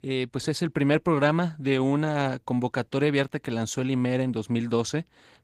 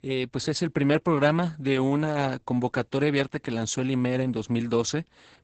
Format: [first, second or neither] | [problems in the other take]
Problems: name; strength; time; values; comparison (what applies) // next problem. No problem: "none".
first | garbled, watery; badly; nothing above 7.5 kHz; slightly in the first